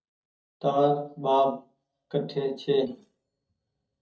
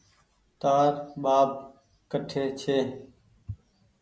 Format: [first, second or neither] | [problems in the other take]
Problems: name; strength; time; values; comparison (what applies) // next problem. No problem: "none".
second | noise reduction (neural mask model DeepFilterNet 3)